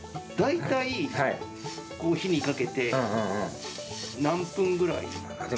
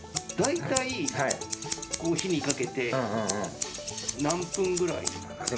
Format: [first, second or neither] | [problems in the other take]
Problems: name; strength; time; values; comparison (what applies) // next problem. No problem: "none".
first | background sound (Scissors); 6 dB below the speech